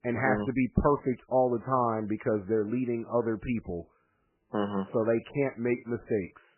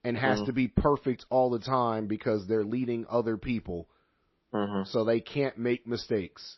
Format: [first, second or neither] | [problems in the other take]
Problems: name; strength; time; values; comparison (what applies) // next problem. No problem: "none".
second | garbled, watery; badly; nothing above 2.5 kHz; slightly in the second